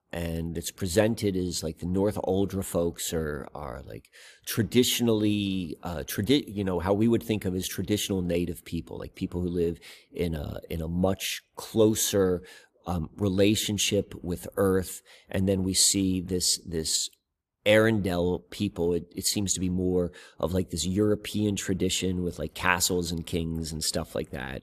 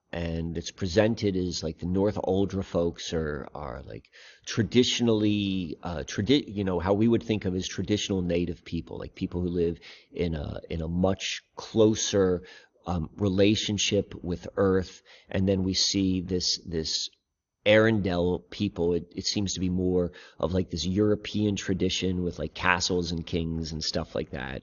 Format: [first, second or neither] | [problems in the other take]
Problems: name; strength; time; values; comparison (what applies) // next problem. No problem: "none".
first | garbled, watery; slightly; nothing above 6.5 kHz